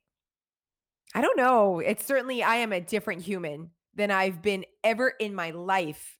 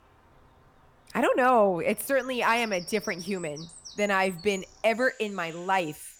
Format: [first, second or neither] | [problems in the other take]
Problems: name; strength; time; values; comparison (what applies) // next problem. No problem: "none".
first | animal sounds; noticeable; throughout; 20 dB below the speech